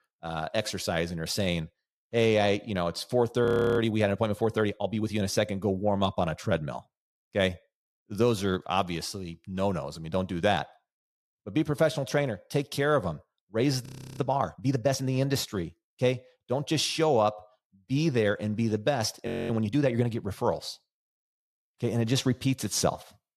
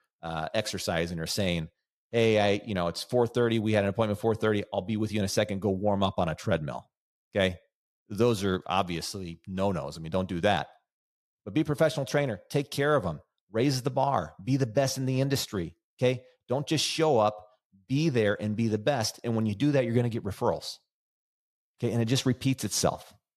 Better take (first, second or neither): second